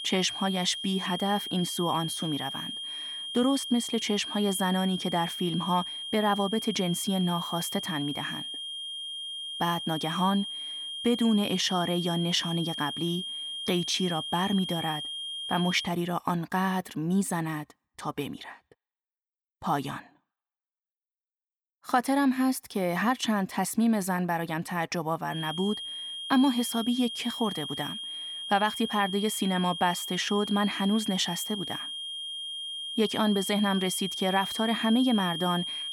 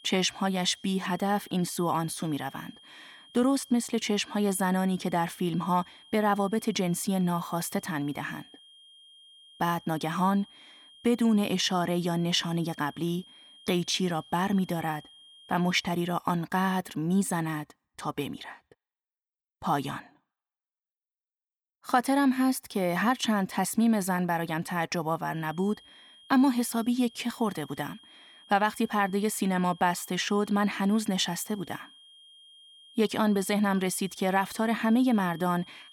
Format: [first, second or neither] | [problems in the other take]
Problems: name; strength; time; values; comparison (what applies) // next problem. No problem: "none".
second | high-pitched whine; loud; until 16 s and from 25 s on; 3 kHz, 5 dB below the speech; faint in the second